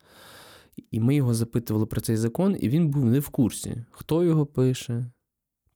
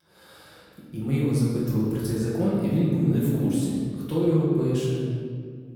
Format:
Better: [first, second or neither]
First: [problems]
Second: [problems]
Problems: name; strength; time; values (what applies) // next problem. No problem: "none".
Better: first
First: none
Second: room echo; strong; dies away in 1.7 s // off-mic speech; far